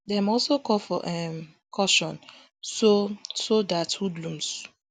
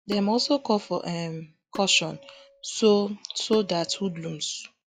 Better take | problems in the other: first | noise reduction (classical method log-MMSE)

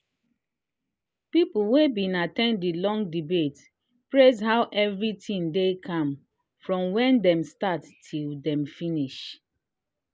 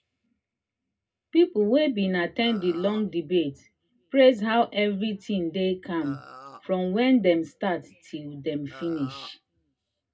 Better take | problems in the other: first | background sound (Burping, eructation); 20 dB below the speech // room echo; dies away in 0.2 s

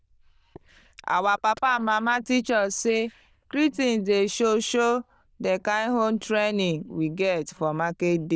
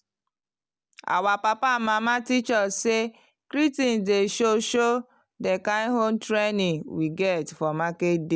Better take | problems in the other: second | noise reduction (neural diffusion model UNIVERSE++)

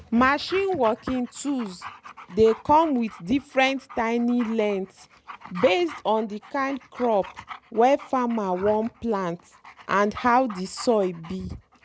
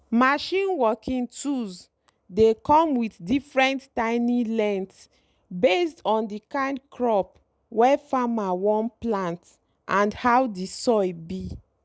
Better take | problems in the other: second | background sound (Dog); 18 dB below the speech

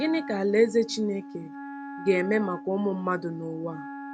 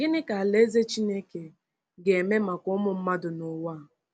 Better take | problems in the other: second | background sound (Wind instrument, woodwind instrument); 12 dB below the speech

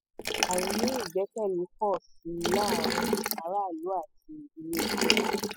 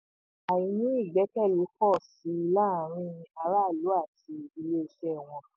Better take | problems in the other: second | noise reduction (classical method spectral subtraction)

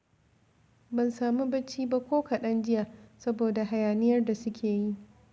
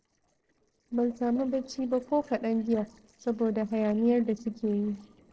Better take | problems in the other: first | noise reduction (neural separator model SepFormer DNS4)

